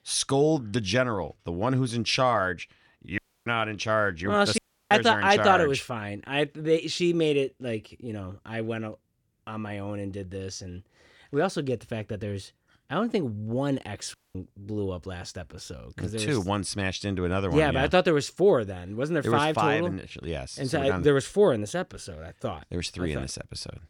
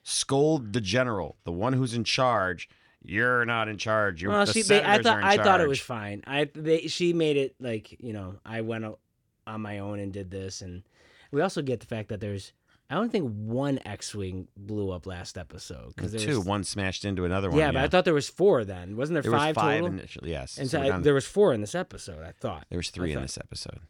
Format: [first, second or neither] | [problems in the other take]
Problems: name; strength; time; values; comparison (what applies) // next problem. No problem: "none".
second | audio cutting out; at 3 s, at 4.5 s and at 14 s